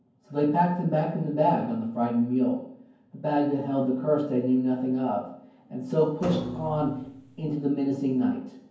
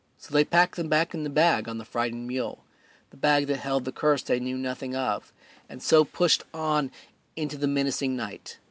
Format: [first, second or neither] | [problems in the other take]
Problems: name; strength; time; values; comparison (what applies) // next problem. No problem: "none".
second | background sound (Thump, thud); 10 dB below the speech // room echo; dies away in 0.9 s